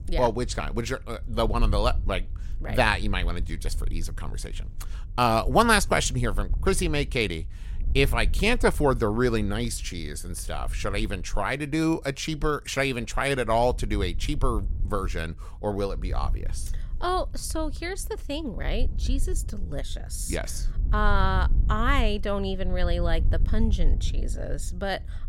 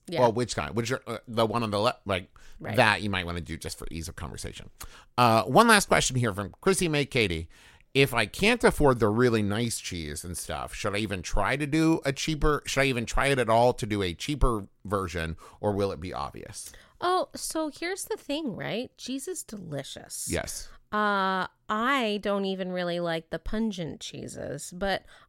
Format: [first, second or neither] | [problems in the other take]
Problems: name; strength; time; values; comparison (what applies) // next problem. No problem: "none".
second | wind noise on the microphone; occasional gusts; 25 dB below the speech